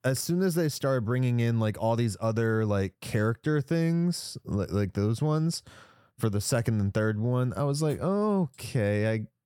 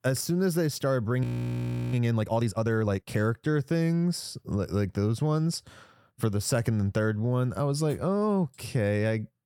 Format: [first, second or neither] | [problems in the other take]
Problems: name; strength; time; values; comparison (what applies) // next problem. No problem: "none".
first | audio freezing; at 1 s for 0.5 s